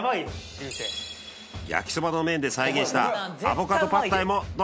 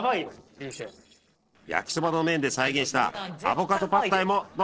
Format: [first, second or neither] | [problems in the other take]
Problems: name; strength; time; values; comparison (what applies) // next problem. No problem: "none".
first | noise reduction (neural separator model SepFormer DNS4)